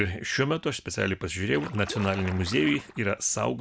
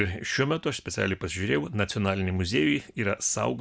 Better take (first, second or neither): second